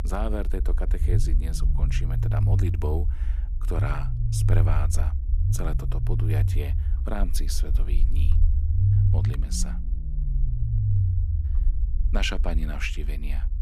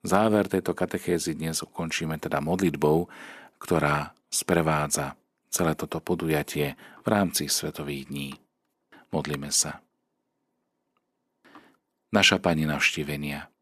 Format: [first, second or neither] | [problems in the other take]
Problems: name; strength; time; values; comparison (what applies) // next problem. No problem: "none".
second | low rumble; loud; throughout; 6 dB below the speech